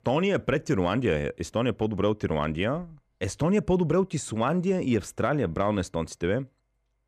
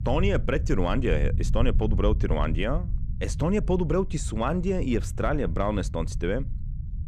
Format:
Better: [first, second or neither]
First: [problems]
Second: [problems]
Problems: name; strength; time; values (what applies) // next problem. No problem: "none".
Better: first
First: none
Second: low rumble; noticeable; throughout; 15 dB below the speech